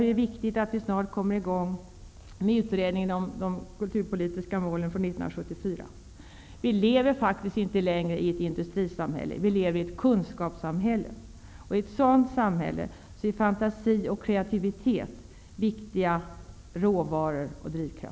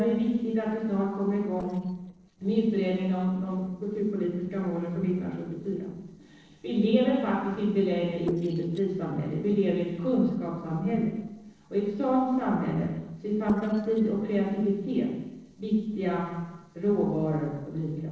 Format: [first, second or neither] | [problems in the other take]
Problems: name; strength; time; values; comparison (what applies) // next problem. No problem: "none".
first | noise reduction (neural separator model SepFormer DNS4)